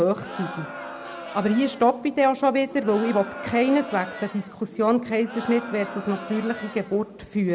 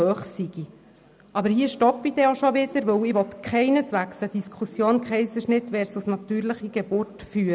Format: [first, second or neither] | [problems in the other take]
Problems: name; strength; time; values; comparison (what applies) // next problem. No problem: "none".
second | background sound (Crowd); 13 dB below the speech